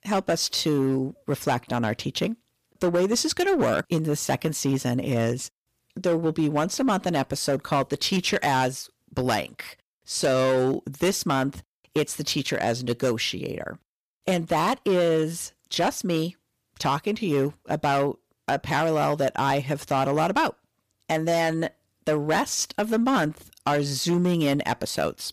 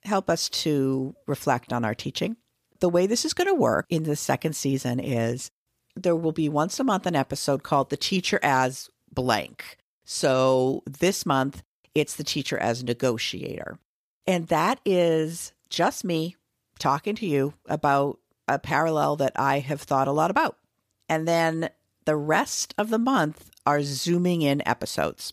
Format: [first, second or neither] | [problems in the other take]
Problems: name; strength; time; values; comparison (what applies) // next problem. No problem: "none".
second | distortion; slight; 7% of the sound clipped